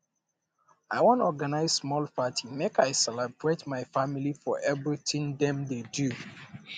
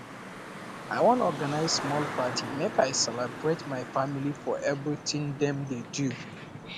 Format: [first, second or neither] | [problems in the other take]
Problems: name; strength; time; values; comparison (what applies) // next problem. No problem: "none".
first | background sound (Traffic noise, roadway noise); 9 dB below the speech